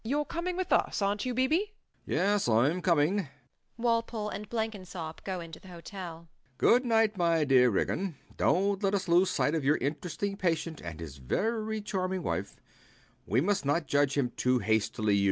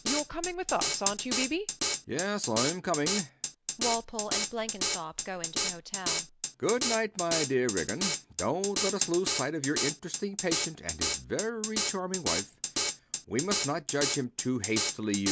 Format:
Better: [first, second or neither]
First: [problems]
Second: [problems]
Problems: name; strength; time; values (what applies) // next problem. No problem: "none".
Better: first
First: none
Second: background sound (Drum kit); 1 dB below the speech